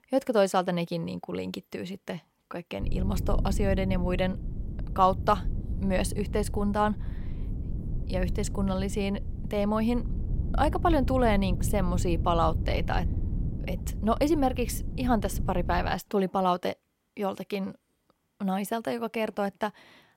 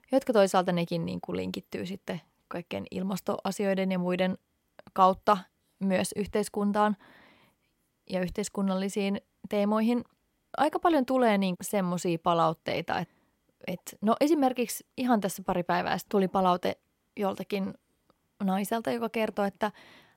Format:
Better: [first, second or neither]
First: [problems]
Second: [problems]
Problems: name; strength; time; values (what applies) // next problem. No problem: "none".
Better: second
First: low rumble; noticeable; from 3 to 16 s; 15 dB below the speech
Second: none